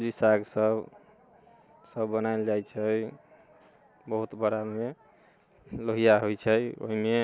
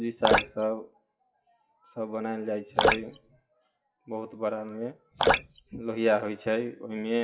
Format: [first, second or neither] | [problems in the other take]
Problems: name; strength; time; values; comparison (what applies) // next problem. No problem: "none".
first | noise reduction (classical method WPE with log-MMSE)